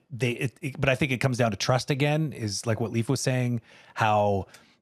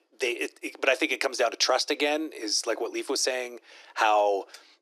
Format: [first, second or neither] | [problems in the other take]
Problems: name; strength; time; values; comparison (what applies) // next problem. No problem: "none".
first | thin; very; fading below 300 Hz